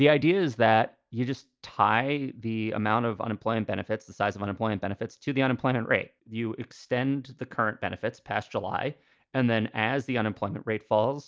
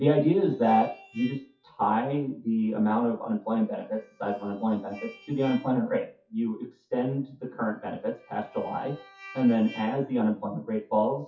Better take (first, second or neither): first